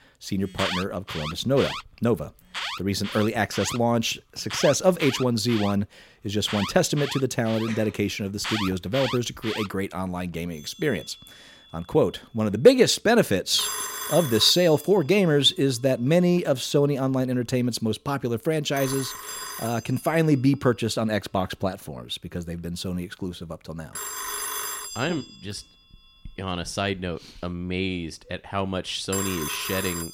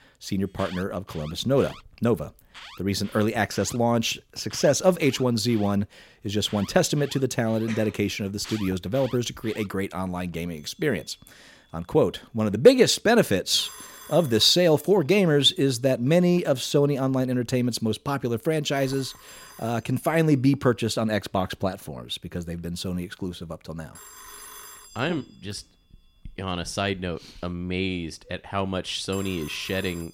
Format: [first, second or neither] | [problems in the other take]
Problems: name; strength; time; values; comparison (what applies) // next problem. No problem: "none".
second | alarms or sirens; loud; throughout; 8 dB below the speech; faint in the second